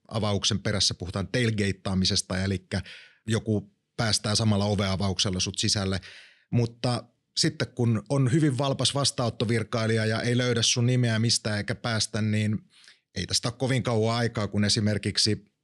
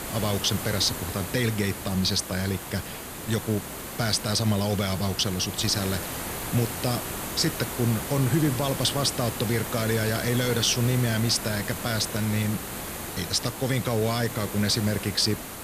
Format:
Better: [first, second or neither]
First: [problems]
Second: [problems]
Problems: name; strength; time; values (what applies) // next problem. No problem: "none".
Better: first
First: none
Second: hiss; loud; throughout; 7 dB below the speech